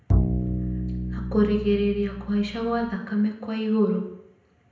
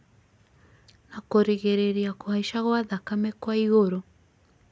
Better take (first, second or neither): second